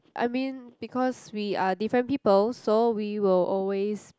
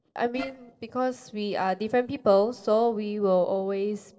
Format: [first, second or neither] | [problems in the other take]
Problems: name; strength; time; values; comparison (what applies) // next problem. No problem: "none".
first | noise reduction (neural separator model SepFormer DNS4)